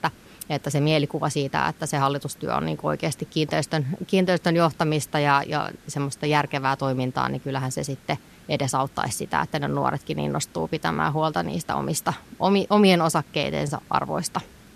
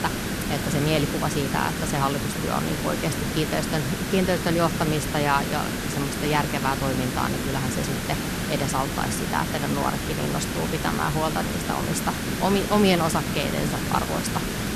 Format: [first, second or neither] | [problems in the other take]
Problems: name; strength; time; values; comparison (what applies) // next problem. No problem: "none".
first | hiss; loud; throughout; 1 dB below the speech; faint in the first